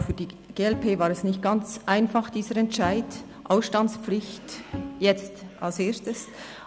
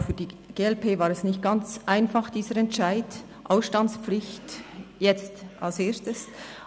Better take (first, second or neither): second